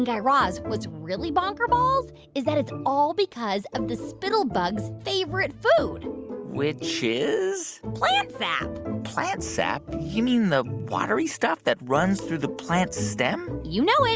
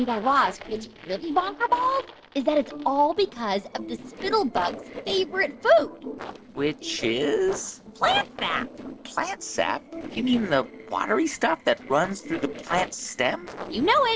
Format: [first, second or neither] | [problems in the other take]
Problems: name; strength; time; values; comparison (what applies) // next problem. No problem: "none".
first | noise reduction (neural separator model SepFormer DNS4)